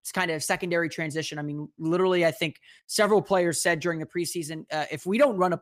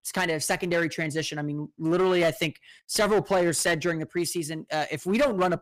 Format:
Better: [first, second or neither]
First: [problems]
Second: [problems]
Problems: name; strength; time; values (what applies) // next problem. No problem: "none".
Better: first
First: none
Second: distortion; slight; 9% of the sound clipped